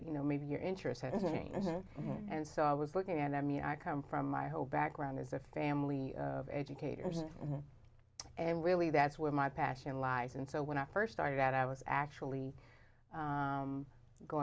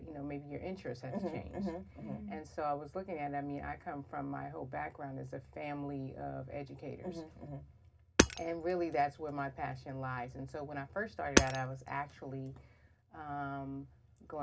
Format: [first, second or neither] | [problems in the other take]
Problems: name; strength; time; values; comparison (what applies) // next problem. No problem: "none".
first | background sound (Hammer); 3 dB above the speech // room echo; dies away in 0.4 s